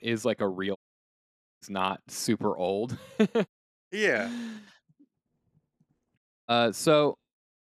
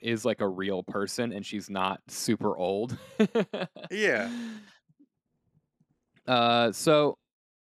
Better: second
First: audio cutting out; at 1 s for 1 s, at 3.5 s and at 6 s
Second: none

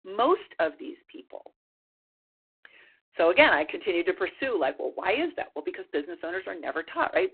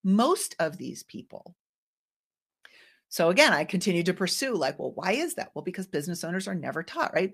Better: second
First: phone-call audio; poor line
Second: none

